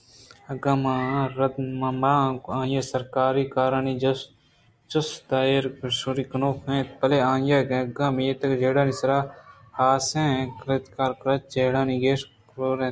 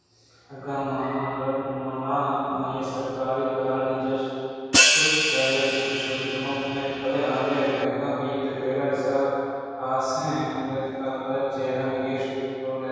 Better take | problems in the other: first | background sound (Hi-hat); 3 dB above the speech // room echo; dies away in 2.2 s

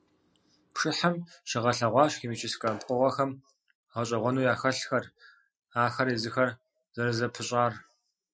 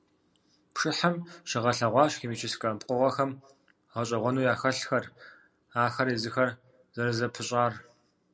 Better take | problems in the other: second | noise reduction (classical method Wiener filter)

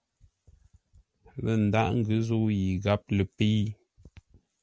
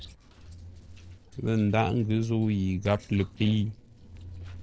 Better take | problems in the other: first | noise reduction (neural separator model SepFormer DNS4)

